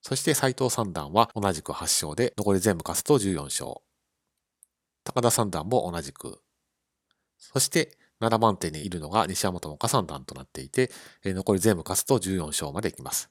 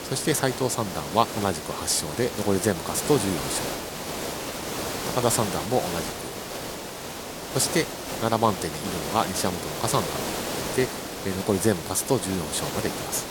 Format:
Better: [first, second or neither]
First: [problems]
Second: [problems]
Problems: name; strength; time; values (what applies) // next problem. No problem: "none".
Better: first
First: none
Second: hiss; loud; throughout; 5 dB below the speech